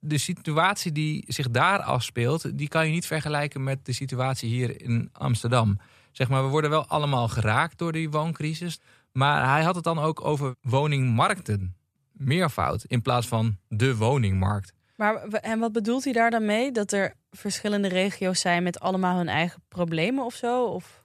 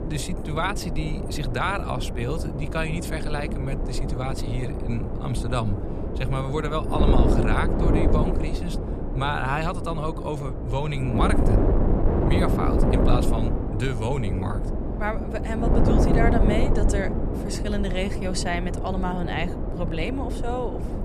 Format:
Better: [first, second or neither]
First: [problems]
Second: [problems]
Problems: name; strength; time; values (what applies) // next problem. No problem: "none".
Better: first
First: none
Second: wind noise on the microphone; heavy; 2 dB below the speech